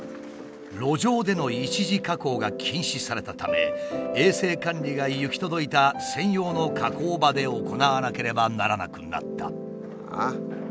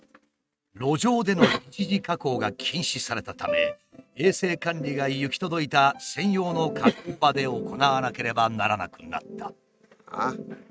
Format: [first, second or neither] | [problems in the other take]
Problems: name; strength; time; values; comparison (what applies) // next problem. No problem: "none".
first | noise reduction (neural mask model RNNoise)